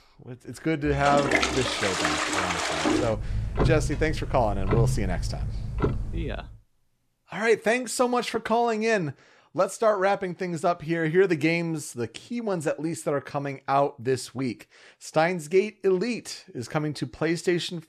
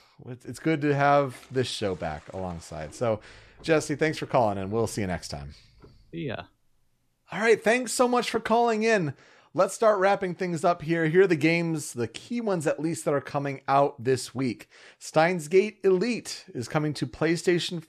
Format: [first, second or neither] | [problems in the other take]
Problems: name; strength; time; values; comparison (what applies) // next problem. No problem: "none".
second | household noises; loud; until 6.5 s; 1 dB below the speech; faint in the second